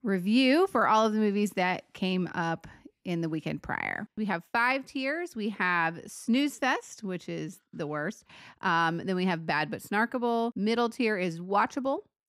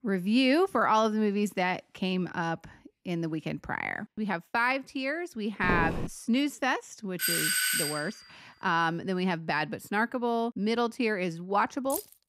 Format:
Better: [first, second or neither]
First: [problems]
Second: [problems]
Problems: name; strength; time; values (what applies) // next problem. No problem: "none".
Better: first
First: none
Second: footsteps; noticeable; at 5.5 s; peak 2 dB below the speech // doorbell; loud; at 7 s; peak 5 dB above the speech // jangling keys; noticeable; at 12 s; peak 8 dB below the speech